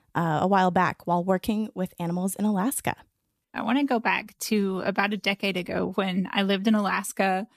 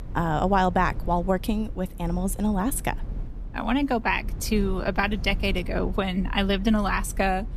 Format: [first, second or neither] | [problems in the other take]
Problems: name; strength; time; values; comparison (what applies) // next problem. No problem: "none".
first | low rumble; faint; throughout; 20 dB below the speech